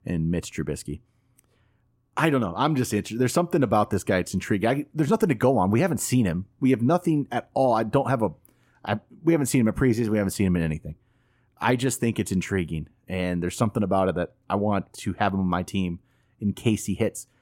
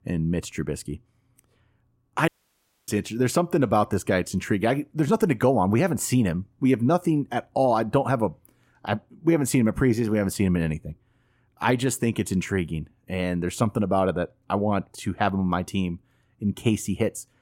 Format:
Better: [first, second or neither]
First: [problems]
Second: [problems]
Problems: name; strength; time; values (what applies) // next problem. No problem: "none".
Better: first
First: none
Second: audio cutting out; at 2.5 s for 0.5 s